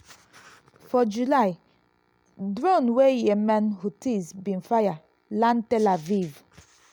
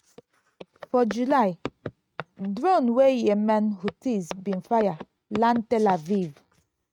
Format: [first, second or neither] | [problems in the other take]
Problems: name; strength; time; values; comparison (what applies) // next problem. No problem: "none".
first | noise reduction (neural mask model RNNoise)